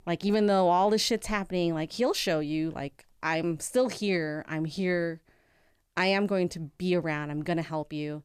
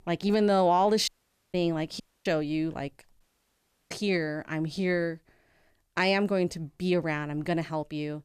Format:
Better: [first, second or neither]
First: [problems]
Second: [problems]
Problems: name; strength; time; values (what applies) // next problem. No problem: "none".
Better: first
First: none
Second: audio cutting out; at 1 s, at 2 s and at 3 s for 0.5 s